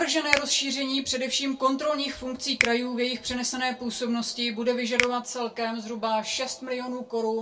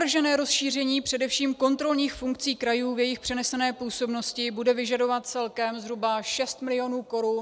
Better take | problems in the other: second | background sound (Finger snapping); 8 dB below the speech // room echo; dies away in 0.2 s

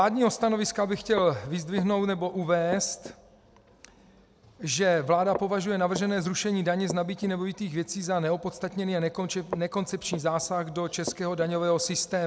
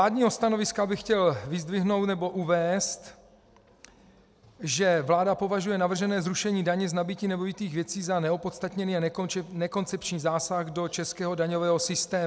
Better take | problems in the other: second | background sound (Walk, footsteps); 16 dB below the speech

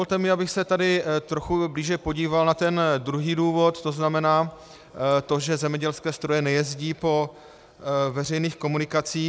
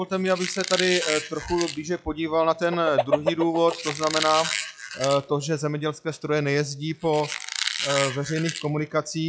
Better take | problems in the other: first | noise reduction (classical method log-MMSE)

